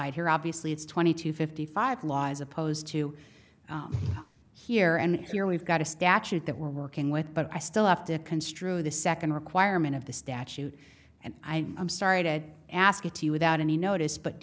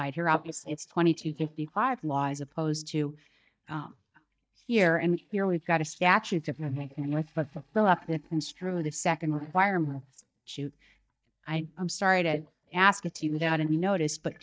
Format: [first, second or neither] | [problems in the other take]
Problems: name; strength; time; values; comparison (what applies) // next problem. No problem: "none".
first | noise reduction (neural mask model DeepFilterNet 3)